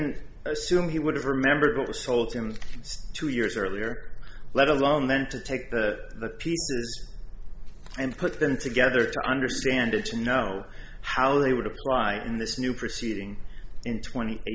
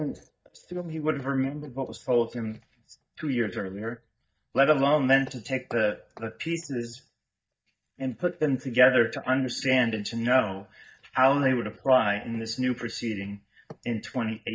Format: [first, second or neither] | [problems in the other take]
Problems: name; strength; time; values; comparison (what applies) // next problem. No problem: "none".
first | noise reduction (neural mask model DeepFilterNet 3)